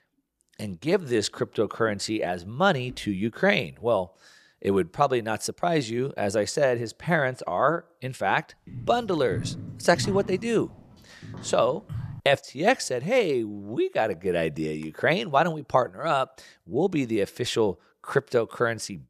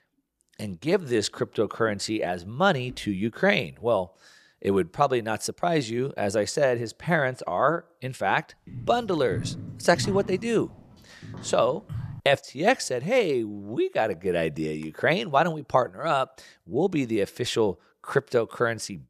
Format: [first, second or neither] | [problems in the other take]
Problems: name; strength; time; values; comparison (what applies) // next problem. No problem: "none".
neither | footsteps; noticeable; from 8.5 to 12 s; peak 7 dB below the speech; the same in both